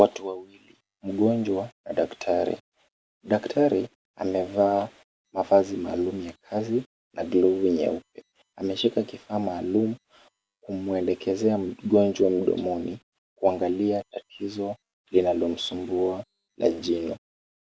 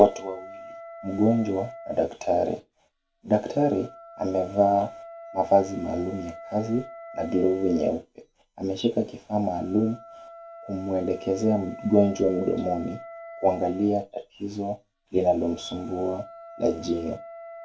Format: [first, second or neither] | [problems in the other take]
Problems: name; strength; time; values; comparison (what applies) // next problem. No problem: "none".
first | background sound (Wind instrument, woodwind instrument); 17 dB below the speech // room echo; dies away in 0.2 s